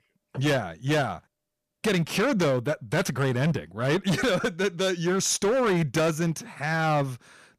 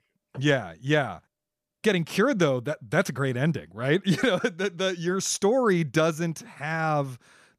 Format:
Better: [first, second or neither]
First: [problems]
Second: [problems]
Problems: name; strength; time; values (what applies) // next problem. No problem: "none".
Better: second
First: distortion; heavy; 15% of the sound clipped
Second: none